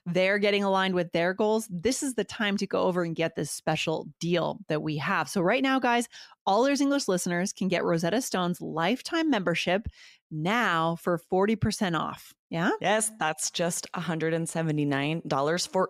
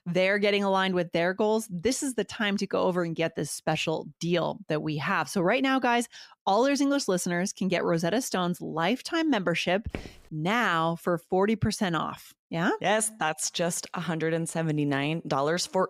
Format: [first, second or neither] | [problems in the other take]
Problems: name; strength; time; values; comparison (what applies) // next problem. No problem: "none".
first | footsteps; faint; at 10 s; peak 15 dB below the speech